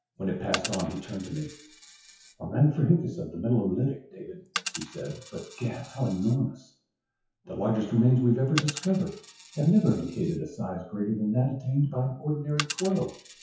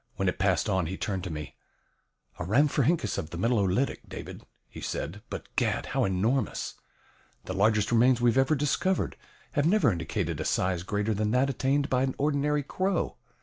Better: second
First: noise reduction (classical method WPE with log-MMSE)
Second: none

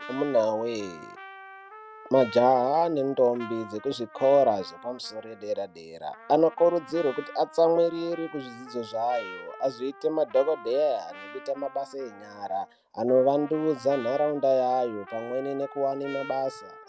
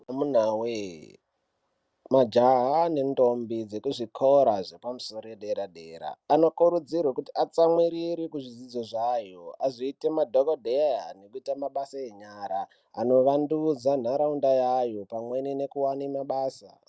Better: second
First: background sound (Trumpet); 18 dB below the speech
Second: none

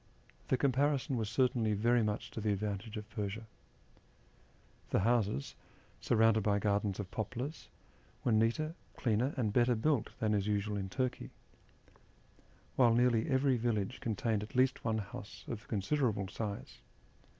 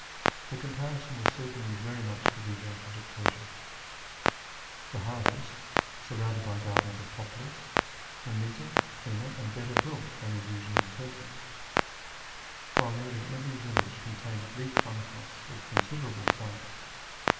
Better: first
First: none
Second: background sound (Clock); 3 dB above the speech // room echo; dies away in 2.6 s

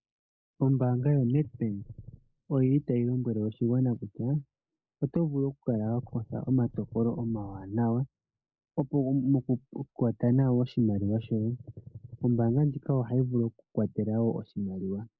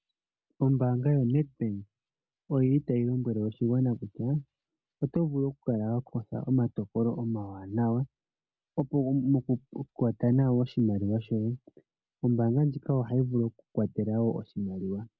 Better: second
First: noise reduction (neural mask model Resemble Enhance denoiser)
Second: none

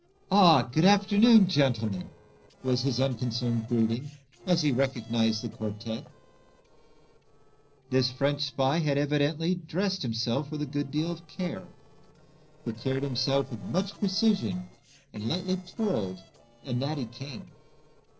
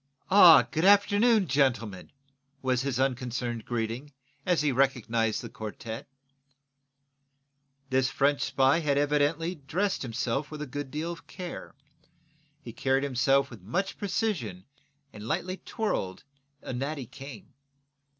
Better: second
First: noise reduction (neural separator model SepFormer DNS4)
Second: none

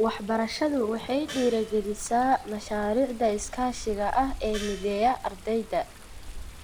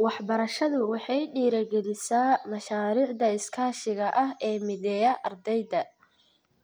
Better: second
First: background sound (Gong + Water); 13 dB below the speech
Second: none

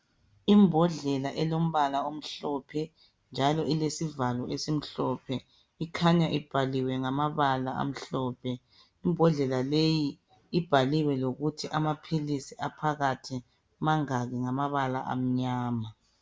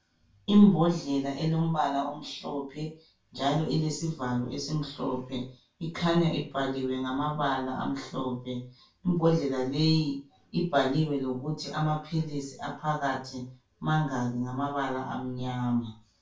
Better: first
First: none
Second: room echo; dies away in 0.3 s

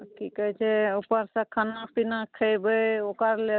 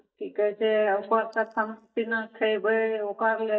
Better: first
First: none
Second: noise reduction (neural mask model DeepFilterNet 3)

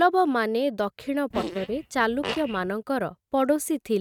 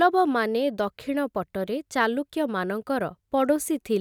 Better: second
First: noise reduction (neural mask model RNNoise)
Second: none

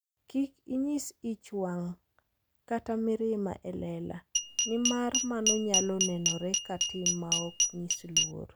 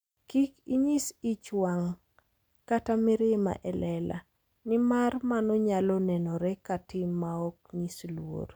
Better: second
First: background sound (Glass); 3 dB above the speech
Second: none

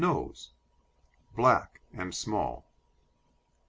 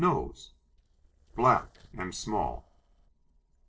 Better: first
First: none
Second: noise reduction (neural separator model SepFormer DNS4)

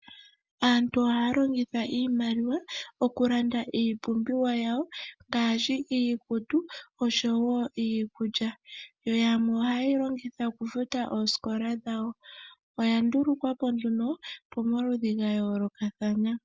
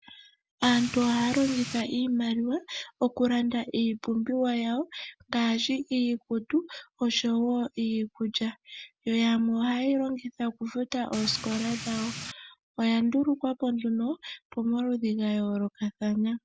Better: first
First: none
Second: background sound (Rain); 10 dB below the speech

